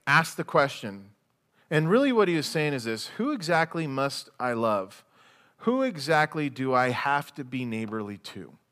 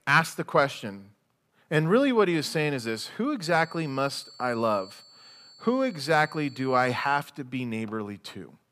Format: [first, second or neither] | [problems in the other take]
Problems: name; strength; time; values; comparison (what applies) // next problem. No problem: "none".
first | high-pitched whine; faint; from 3.5 to 7 s; 4.5 kHz, 20 dB below the speech